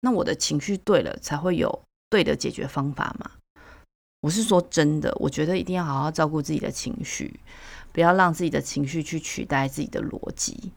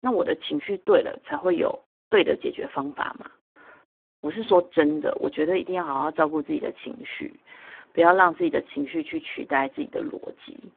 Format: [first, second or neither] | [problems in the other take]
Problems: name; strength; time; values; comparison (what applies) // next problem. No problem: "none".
first | phone-call audio; poor line